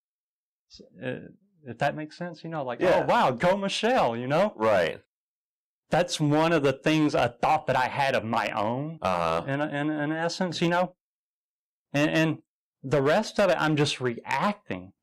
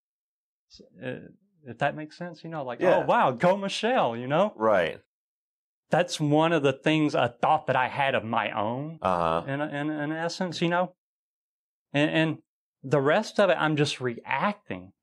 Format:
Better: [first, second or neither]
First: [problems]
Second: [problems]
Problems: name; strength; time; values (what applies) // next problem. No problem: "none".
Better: second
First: distortion; slight; 4% of the sound clipped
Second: none